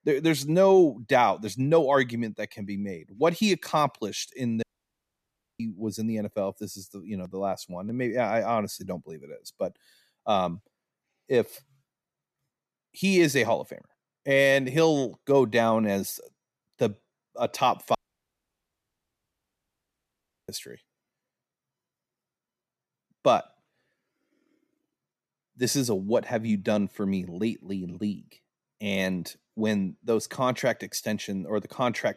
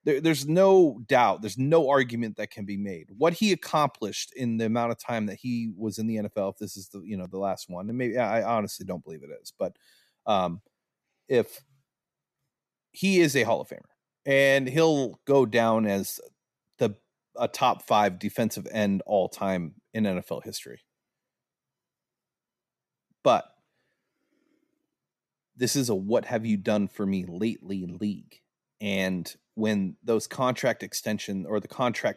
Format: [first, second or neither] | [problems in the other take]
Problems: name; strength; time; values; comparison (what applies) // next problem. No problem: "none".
second | audio cutting out; at 4.5 s for 1 s and at 18 s for 2.5 s